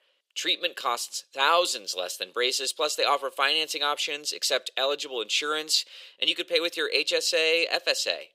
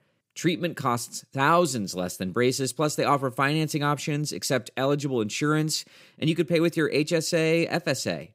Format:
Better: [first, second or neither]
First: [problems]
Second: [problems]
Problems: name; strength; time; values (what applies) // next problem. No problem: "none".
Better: second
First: thin; very; fading below 500 Hz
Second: none